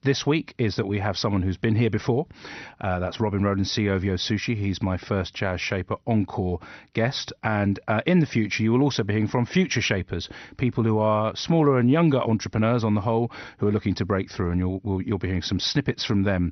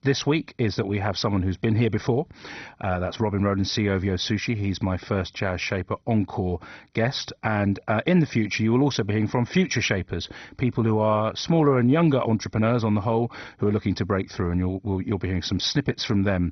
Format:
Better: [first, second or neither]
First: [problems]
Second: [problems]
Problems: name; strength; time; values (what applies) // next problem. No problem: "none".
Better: first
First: garbled, watery; slightly; nothing above 6 kHz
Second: garbled, watery; badly; nothing above 6 kHz